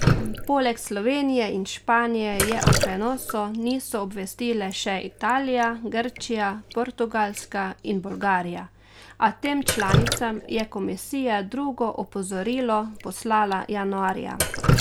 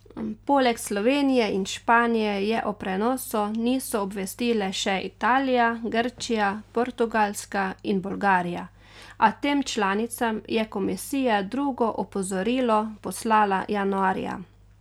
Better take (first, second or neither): second